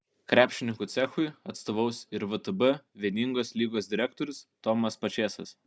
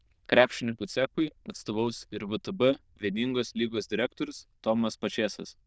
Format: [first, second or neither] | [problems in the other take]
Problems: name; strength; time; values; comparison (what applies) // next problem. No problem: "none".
first | noise reduction (neural diffusion model UNIVERSE++)